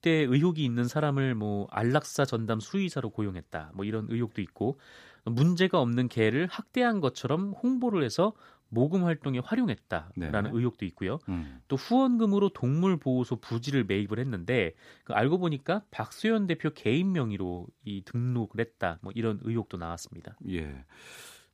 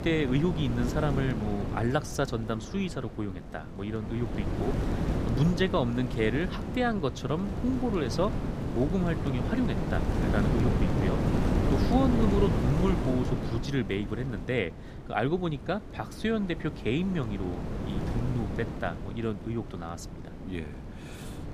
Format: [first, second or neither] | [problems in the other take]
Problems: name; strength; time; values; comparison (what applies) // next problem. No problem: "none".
first | wind noise on the microphone; heavy; 4 dB below the speech